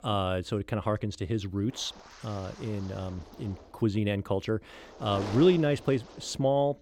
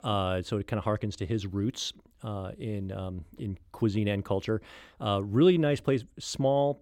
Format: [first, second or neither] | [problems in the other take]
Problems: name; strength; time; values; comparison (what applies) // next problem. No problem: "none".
second | wind noise on the microphone; occasional gusts; until 3.5 s and from 4.5 s on; 15 dB below the speech